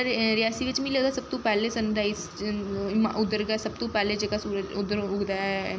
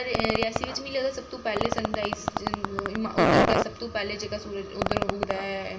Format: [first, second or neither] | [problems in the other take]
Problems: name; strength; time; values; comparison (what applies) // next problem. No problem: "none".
first | background sound (Fart); 3 dB above the speech // room echo; dies away in 1.7 s